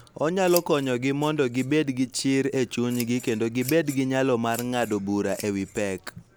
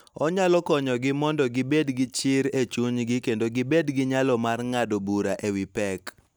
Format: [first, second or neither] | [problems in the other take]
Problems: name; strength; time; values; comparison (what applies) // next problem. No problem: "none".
second | background sound (Scissors); 18 dB below the speech